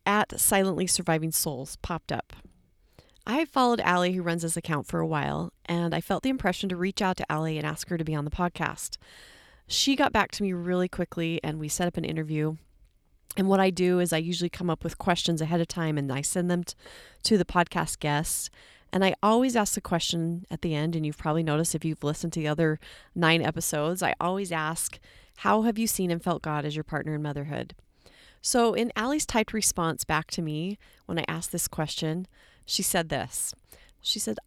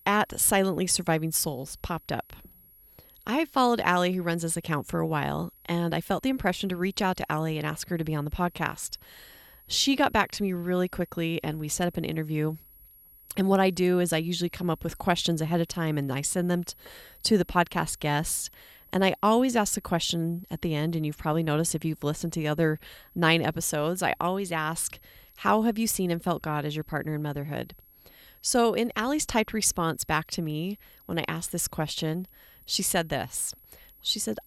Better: first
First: none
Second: high-pitched whine; faint; throughout; 11.5 kHz, 25 dB below the speech

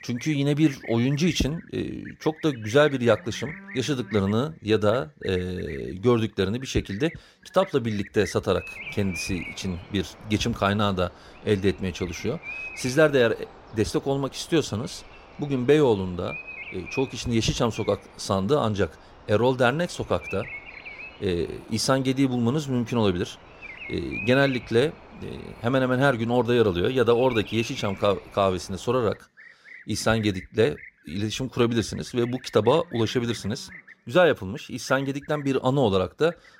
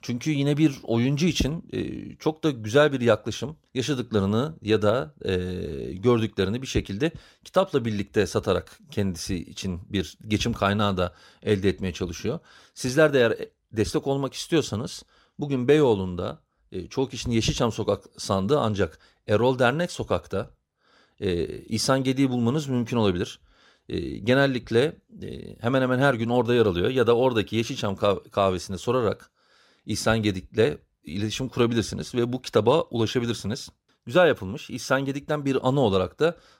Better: second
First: animal sounds; noticeable; throughout; 15 dB below the speech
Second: none

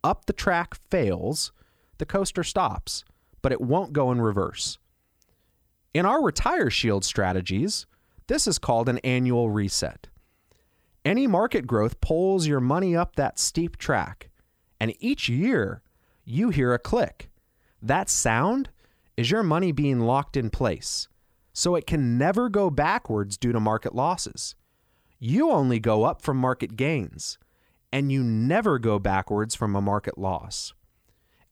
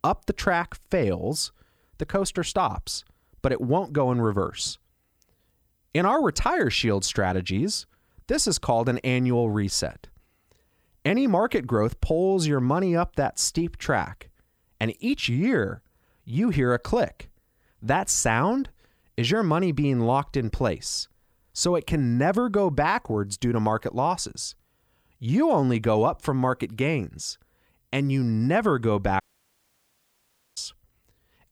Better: first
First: none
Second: audio cutting out; at 29 s for 1.5 s

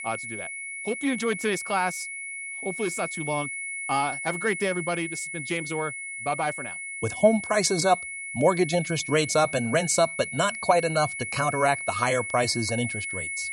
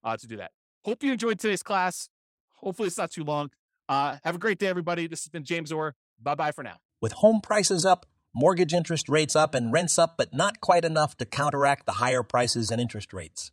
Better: second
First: high-pitched whine; loud; throughout; 2 kHz, 6 dB below the speech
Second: none

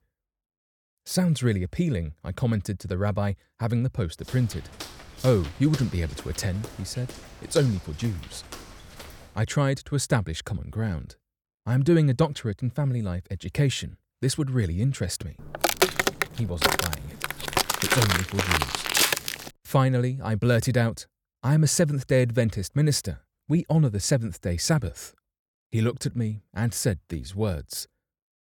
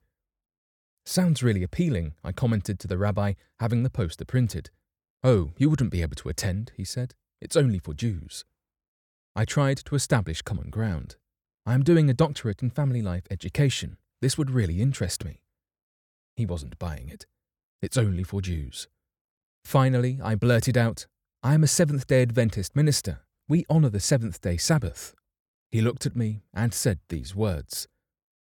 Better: second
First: footsteps; faint; from 4.5 to 9.5 s; peak 10 dB below the speech // footsteps; loud; from 16 to 19 s; peak 5 dB above the speech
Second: none

